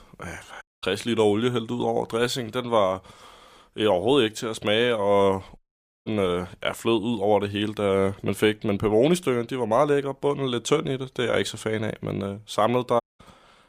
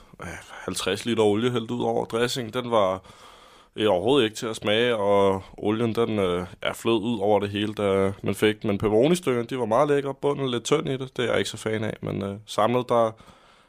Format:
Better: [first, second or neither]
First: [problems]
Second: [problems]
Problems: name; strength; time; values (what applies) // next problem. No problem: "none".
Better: second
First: audio cutting out; at 0.5 s, at 5.5 s and at 13 s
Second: none